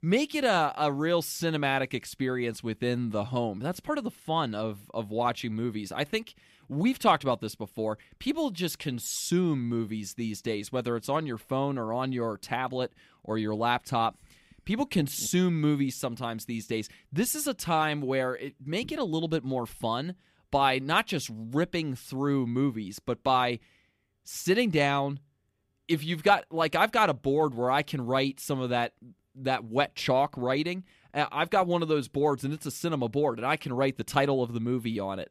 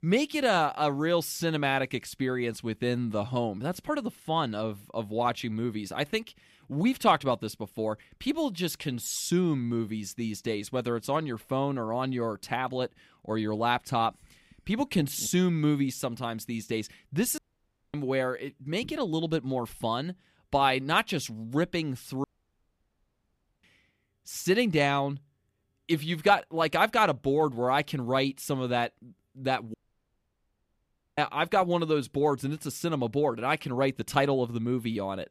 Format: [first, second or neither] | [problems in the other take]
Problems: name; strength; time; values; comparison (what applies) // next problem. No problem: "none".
first | audio cutting out; at 17 s for 0.5 s, at 22 s for 1.5 s and at 30 s for 1.5 s